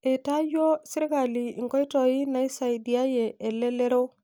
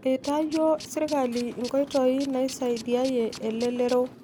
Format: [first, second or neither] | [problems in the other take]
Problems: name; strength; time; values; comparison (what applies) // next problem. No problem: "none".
first | background sound (Tools + Motorcycle); 16 dB below the speech